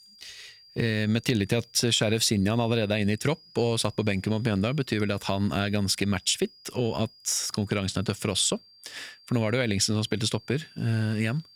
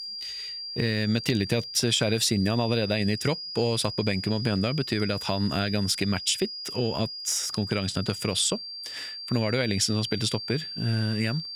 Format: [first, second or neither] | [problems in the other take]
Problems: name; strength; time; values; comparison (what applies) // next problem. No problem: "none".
first | high-pitched whine; loud; throughout; 5 kHz, 8 dB below the speech; faint in the first